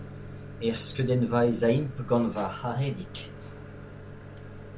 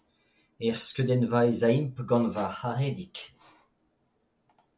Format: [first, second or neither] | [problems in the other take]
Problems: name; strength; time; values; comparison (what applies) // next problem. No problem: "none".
second | background sound (Microwave oven); 12 dB below the speech